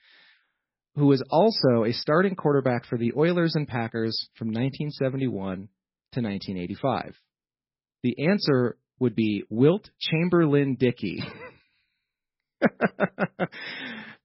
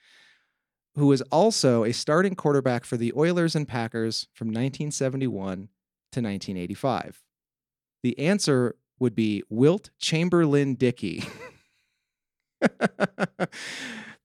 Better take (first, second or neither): second